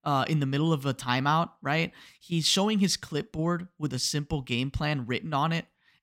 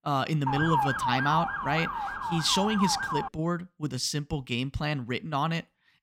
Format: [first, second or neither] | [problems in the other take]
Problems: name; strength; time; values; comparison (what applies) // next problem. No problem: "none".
first | siren; loud; until 3.5 s; peak 2 dB above the speech